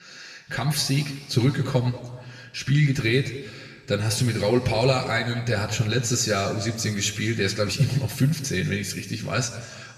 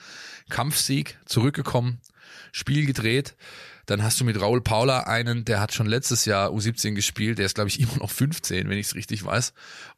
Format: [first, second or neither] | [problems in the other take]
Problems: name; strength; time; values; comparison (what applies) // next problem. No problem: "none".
second | room echo; slight; dies away in 1.7 s // off-mic speech; somewhat distant